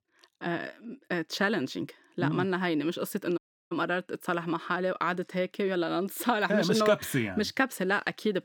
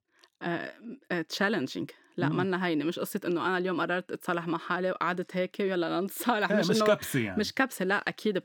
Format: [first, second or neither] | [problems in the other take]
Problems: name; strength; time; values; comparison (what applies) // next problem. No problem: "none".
second | audio cutting out; at 3.5 s